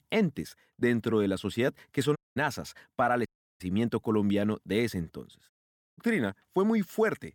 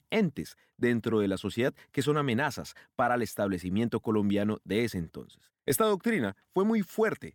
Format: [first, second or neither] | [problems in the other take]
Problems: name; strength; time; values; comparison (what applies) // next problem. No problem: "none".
second | audio cutting out; at 2 s, at 3.5 s and at 5.5 s